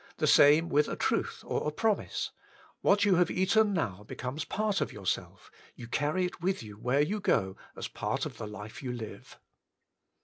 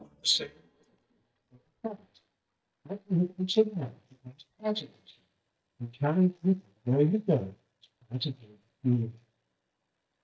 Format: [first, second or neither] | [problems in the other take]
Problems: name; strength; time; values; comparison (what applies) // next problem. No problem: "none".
first | noise reduction (neural mask model DeepFilterNet 3)